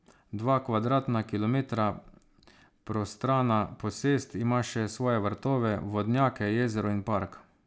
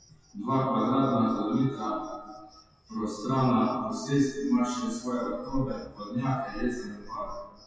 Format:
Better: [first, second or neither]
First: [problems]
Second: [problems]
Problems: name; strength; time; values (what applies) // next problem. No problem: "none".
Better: first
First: none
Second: noise reduction (classical method WPE with log-MMSE)